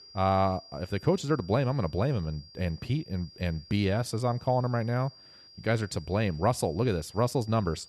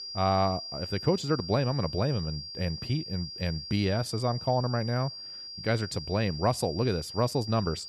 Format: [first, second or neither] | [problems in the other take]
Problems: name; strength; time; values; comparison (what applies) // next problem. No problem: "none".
first | high-pitched whine; loud; throughout; 5 kHz, 8 dB below the speech; faint in the first